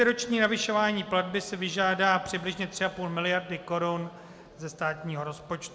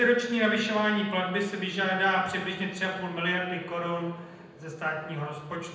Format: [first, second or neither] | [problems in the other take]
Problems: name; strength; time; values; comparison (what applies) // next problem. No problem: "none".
first | room echo; dies away in 0.9 s